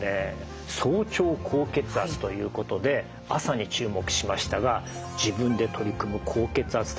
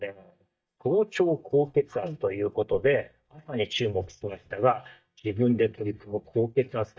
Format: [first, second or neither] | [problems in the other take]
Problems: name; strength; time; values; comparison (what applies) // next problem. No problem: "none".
first | noise reduction (neural mask model DeepFilterNet 3)